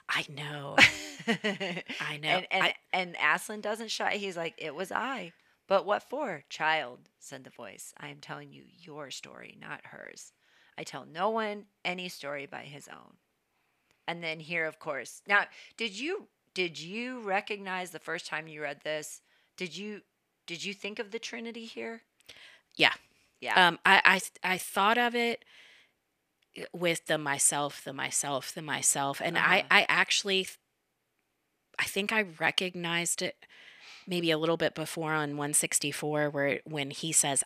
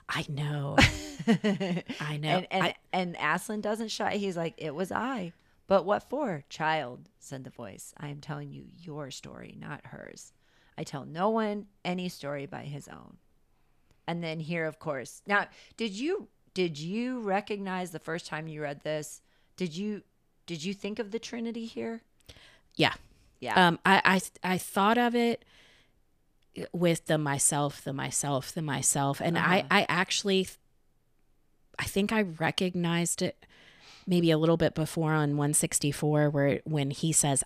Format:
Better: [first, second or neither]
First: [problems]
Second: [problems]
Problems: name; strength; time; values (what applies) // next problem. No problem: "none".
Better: second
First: thin; somewhat; fading below 1 kHz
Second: none